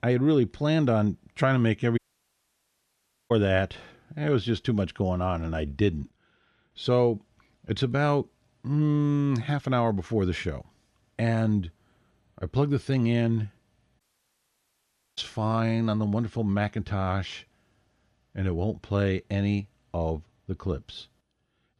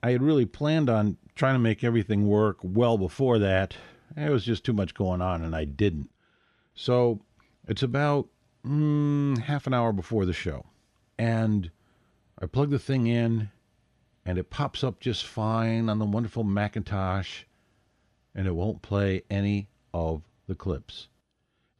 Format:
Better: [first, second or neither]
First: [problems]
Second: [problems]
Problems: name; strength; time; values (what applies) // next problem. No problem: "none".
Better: second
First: audio cutting out; at 2 s for 1.5 s and at 14 s for 1 s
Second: none